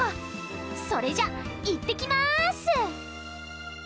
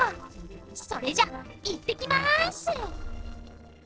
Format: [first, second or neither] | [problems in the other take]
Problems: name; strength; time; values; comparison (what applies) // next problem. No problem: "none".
first | noise reduction (neural separator model SepFormer DNS4)